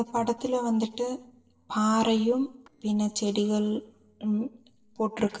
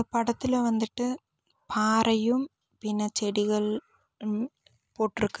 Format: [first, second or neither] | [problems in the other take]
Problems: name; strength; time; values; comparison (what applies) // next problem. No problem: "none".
second | noise reduction (neural separator model SepFormer DNS4)